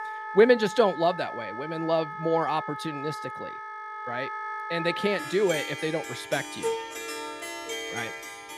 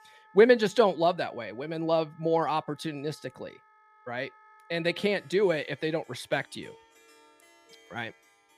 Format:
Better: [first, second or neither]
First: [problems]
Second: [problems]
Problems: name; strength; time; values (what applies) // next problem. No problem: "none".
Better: second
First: background music; loud; throughout; 8 dB below the speech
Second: background music; faint; throughout; 30 dB below the speech